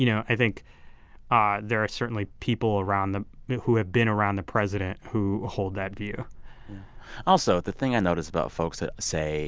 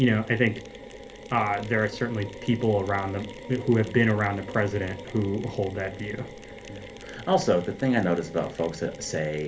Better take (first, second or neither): first